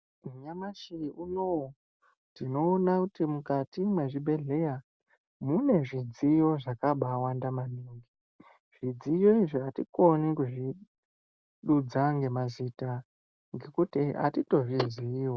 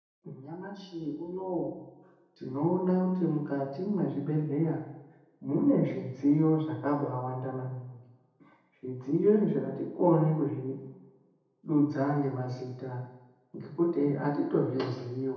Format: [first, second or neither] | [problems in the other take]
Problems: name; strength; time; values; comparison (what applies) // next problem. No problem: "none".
first | room echo; dies away in 0.9 s